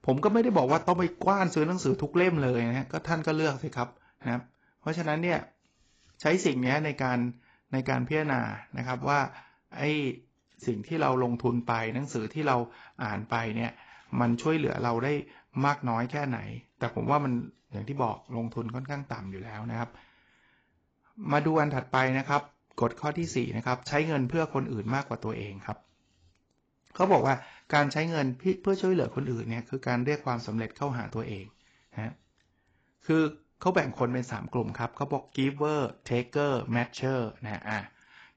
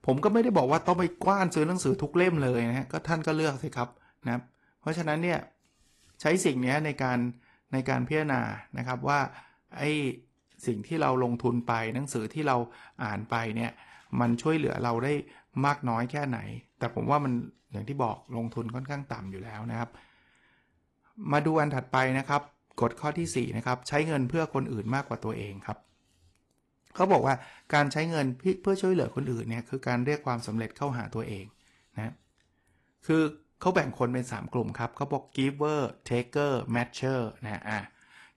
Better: second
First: garbled, watery; badly; nothing above 7.5 kHz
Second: garbled, watery; slightly; nothing above 11 kHz

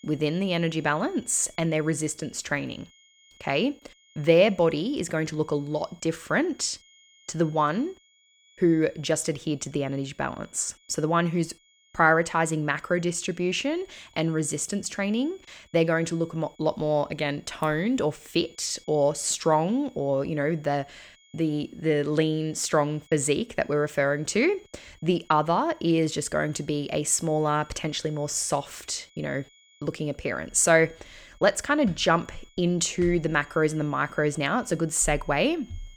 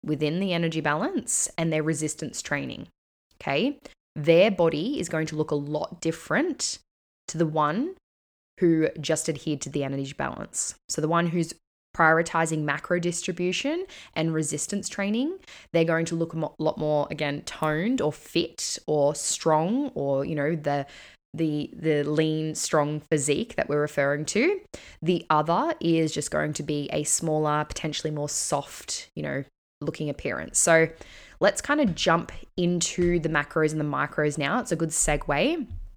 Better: second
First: high-pitched whine; faint; throughout; 3.5 kHz, 30 dB below the speech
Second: none

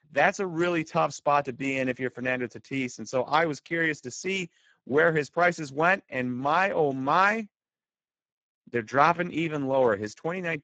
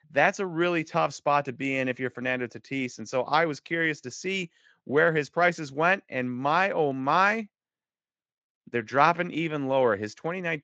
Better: second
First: garbled, watery; badly; nothing above 7.5 kHz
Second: garbled, watery; slightly

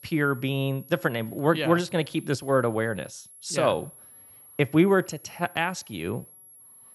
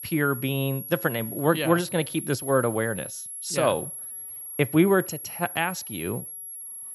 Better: first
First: high-pitched whine; faint; throughout; 11.5 kHz, 20 dB below the speech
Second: high-pitched whine; loud; throughout; 11.5 kHz, 9 dB below the speech

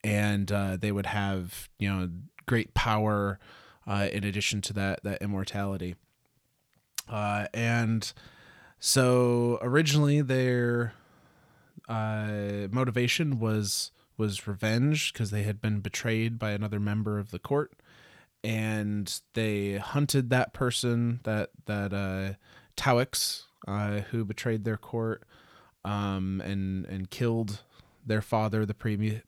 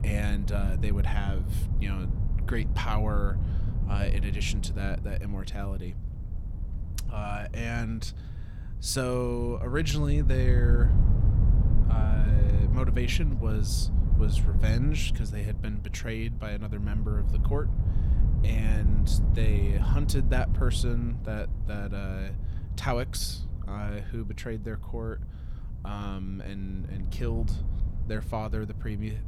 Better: first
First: none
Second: wind noise on the microphone; heavy; 8 dB below the speech

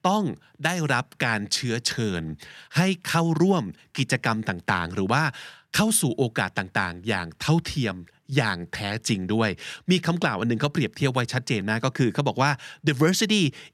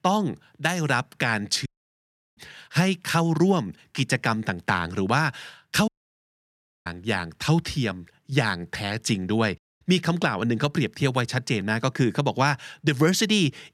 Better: first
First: none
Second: audio cutting out; at 1.5 s for 0.5 s, at 6 s for 1 s and at 9.5 s

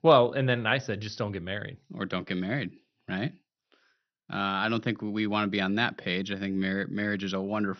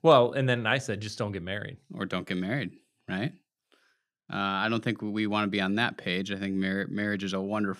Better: second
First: garbled, watery; slightly; nothing above 6 kHz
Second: none

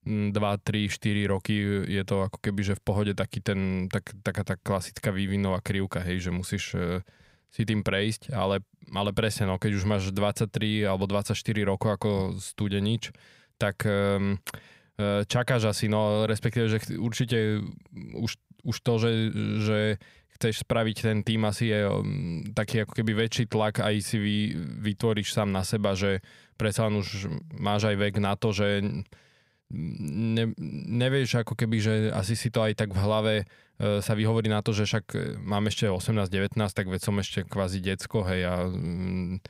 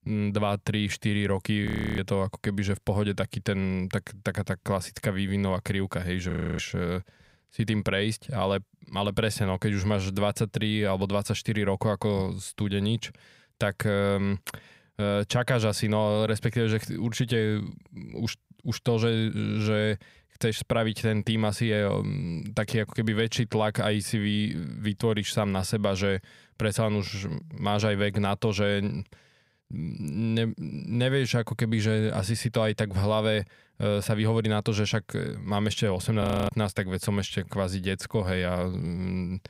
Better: first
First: none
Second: audio freezing; at 1.5 s, at 6.5 s and at 36 s

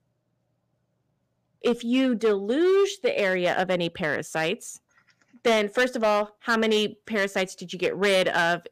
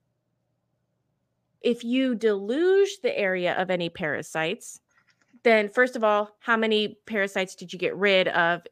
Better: second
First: distortion; slight; 6% of the sound clipped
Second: none

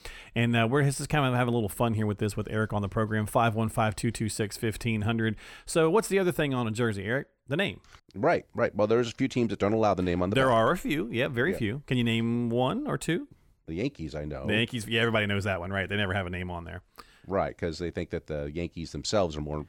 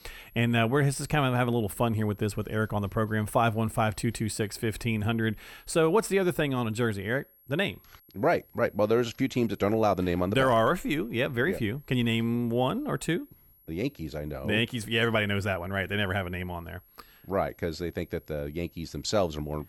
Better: first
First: none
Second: high-pitched whine; faint; throughout; 11.5 kHz, 30 dB below the speech

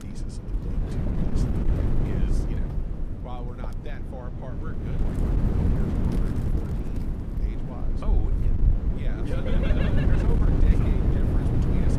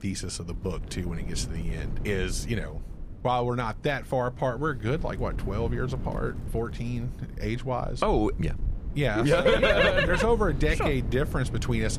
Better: second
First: wind noise on the microphone; heavy; 5 dB above the speech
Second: wind noise on the microphone; occasional gusts; 20 dB below the speech

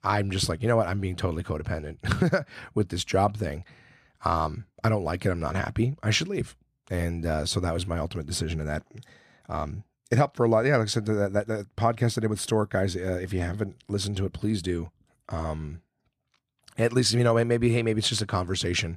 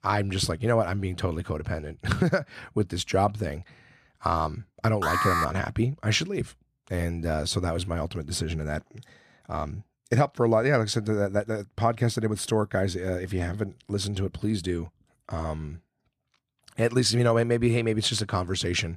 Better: first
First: none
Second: alarm; loud; at 5 s; peak 3 dB above the speech

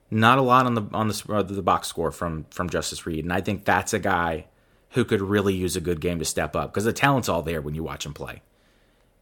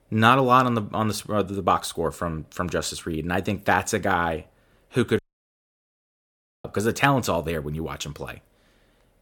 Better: first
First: none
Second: audio cutting out; at 5 s for 1.5 s

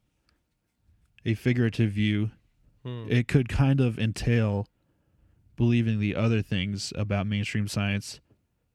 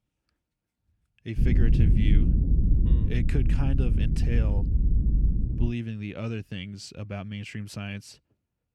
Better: first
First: none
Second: low rumble; loud; from 1.5 to 5.5 s; 1 dB below the speech

